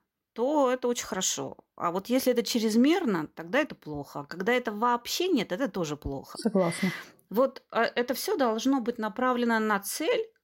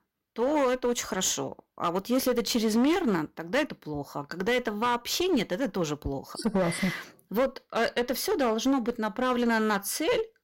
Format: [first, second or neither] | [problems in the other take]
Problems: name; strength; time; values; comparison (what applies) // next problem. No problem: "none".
first | distortion; slight; 10% of the sound clipped